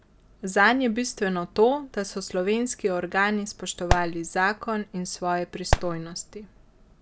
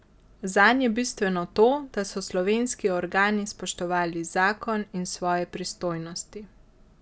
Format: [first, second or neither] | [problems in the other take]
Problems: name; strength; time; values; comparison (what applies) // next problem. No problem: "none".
second | background sound (Fireworks); 3 dB below the speech